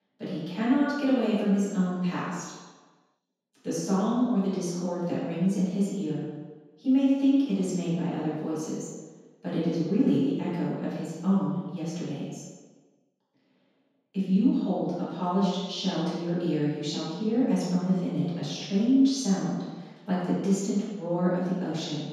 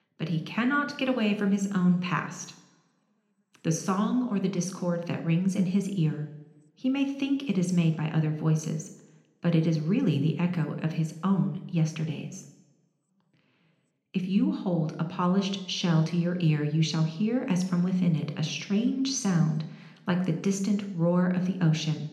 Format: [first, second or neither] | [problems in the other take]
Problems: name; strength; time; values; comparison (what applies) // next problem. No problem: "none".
second | room echo; strong; dies away in 1.2 s; slight in the second // off-mic speech; far